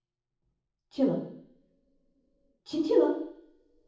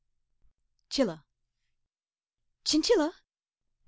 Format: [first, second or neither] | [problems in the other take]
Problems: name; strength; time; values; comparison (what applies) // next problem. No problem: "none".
second | room echo; dies away in 0.7 s